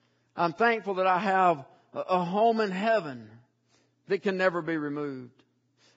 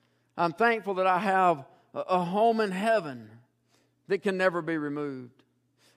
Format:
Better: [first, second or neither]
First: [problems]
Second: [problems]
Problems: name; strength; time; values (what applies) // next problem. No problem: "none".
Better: second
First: garbled, watery; badly; nothing above 7.5 kHz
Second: none